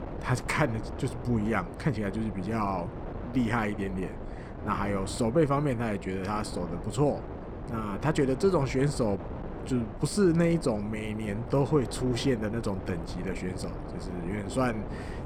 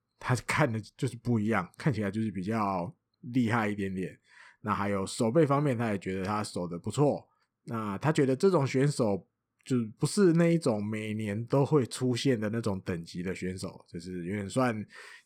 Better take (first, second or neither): second